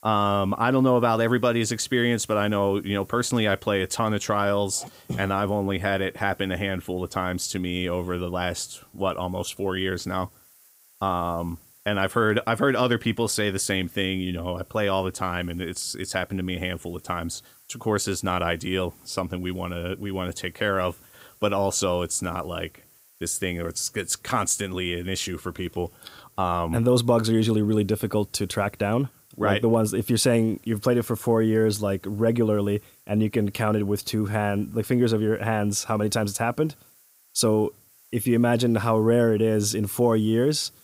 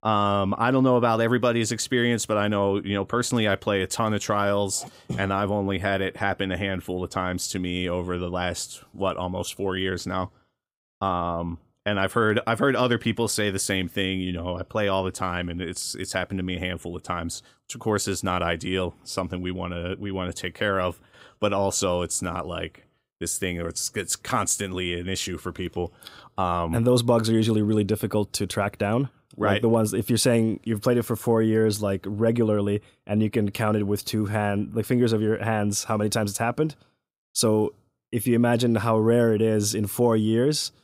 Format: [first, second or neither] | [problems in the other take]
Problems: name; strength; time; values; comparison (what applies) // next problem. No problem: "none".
second | hiss; faint; throughout; 30 dB below the speech